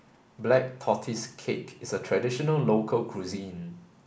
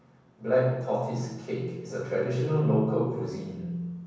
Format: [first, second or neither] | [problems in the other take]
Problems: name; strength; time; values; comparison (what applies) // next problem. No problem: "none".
first | room echo; dies away in 1.1 s